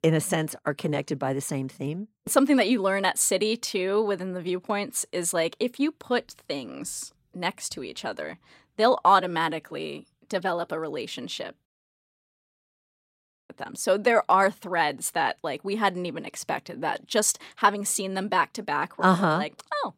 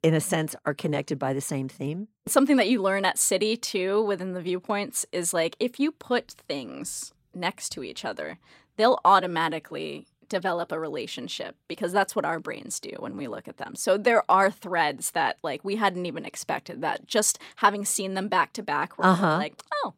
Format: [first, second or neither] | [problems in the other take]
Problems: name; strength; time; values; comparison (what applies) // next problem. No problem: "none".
second | audio cutting out; at 12 s for 2 s